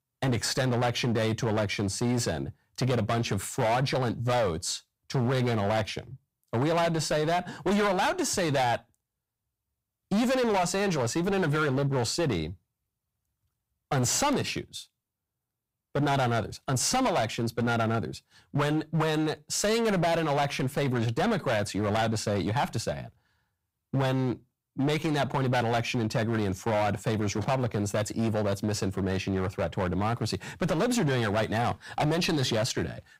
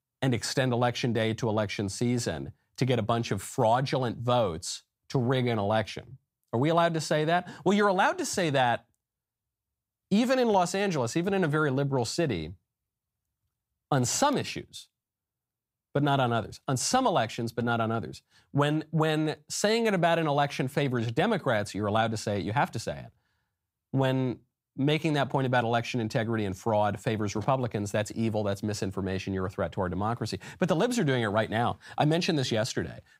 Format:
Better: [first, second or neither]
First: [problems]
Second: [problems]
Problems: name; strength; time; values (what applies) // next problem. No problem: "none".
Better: second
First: distortion; heavy; 15% of the sound clipped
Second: none